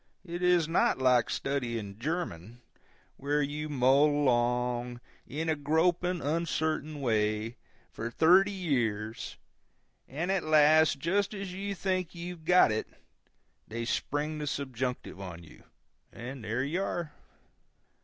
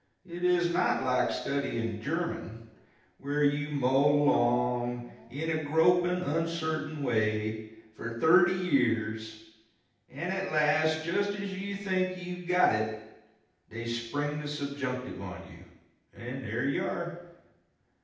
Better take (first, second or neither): first